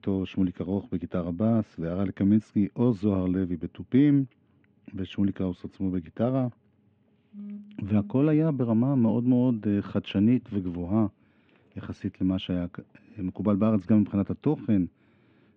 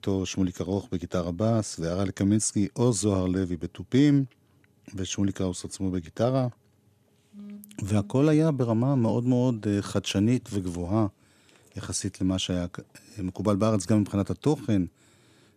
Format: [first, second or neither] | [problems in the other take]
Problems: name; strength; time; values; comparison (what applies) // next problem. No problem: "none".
second | muffled; very; fading above 2.5 kHz